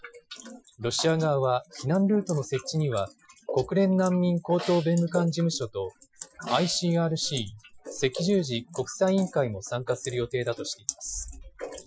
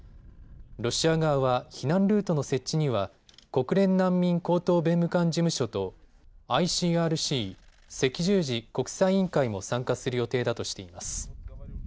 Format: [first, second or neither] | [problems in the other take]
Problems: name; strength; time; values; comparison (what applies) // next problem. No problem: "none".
second | noise reduction (classical method Wiener filter)